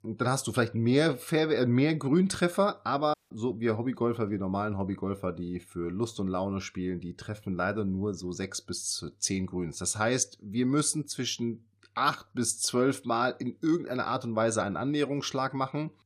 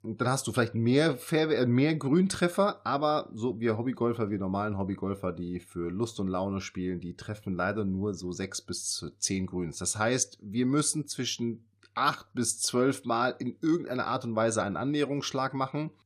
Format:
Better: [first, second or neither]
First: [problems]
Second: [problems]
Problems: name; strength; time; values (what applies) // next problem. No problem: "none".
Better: second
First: audio cutting out; at 3 s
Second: none